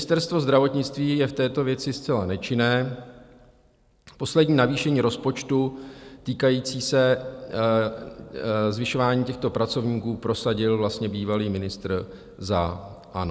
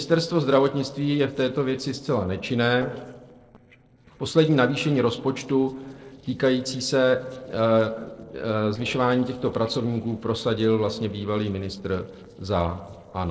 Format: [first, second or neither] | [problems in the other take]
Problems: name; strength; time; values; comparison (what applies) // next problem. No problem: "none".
first | noise reduction (neural separator model SepFormer DNS4)